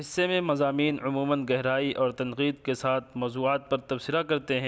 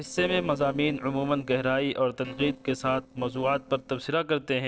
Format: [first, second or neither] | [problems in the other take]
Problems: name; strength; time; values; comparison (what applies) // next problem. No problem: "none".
first | noise reduction (neural separator model SepFormer DNS4)